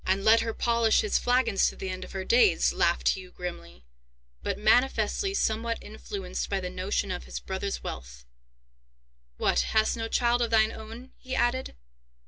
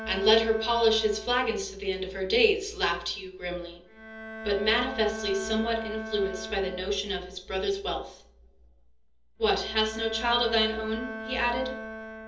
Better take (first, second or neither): first